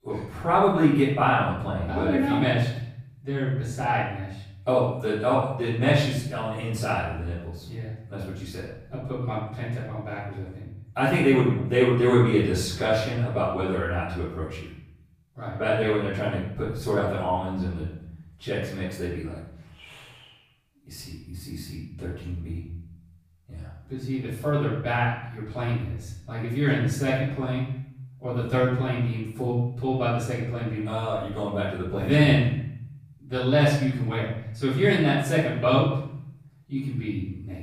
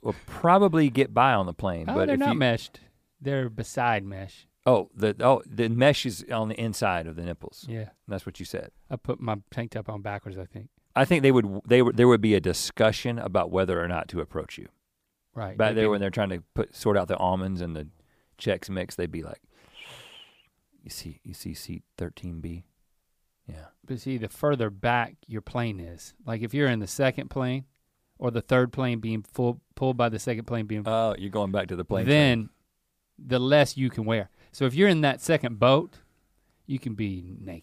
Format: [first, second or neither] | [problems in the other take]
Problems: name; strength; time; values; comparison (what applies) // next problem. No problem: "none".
second | off-mic speech; far // room echo; noticeable; dies away in 0.8 s